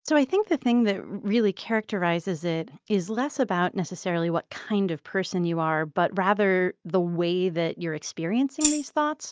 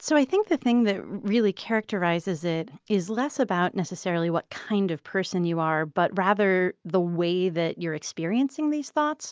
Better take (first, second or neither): second